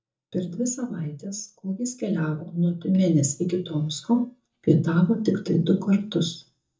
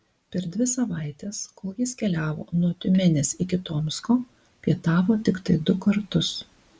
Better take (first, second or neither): second